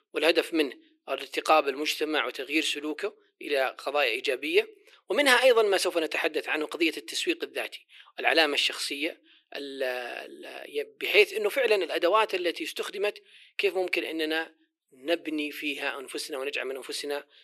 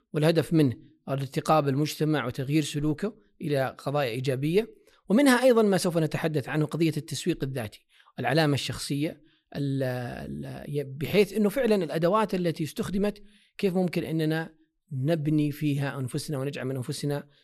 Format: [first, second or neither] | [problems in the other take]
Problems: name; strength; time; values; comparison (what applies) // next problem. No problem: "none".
second | thin; very; fading below 350 Hz